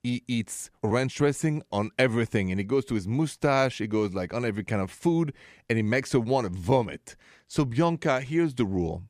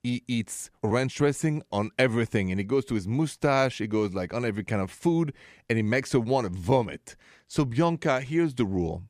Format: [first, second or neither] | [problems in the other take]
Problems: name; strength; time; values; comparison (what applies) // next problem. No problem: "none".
neither | none